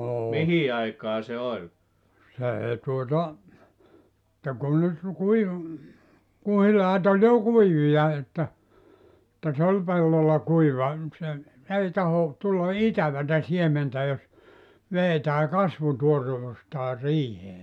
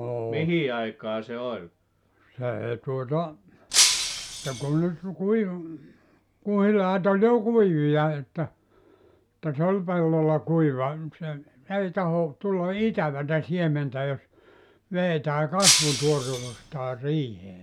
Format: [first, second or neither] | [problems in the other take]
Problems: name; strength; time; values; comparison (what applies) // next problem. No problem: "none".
first | background sound (Shatter); 1 dB above the speech